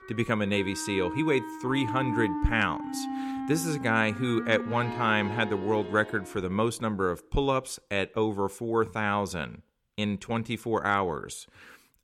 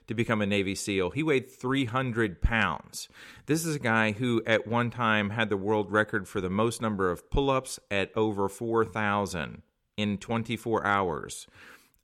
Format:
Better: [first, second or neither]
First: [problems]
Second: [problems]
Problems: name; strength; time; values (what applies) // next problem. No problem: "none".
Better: second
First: background music; loud; until 6 s; 7 dB below the speech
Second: none